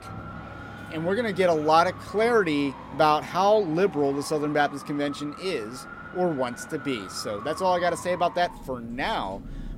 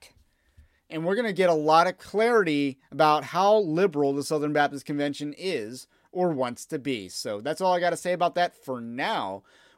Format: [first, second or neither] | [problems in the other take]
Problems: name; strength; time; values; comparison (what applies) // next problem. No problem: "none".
second | traffic noise; noticeable; throughout; 15 dB below the speech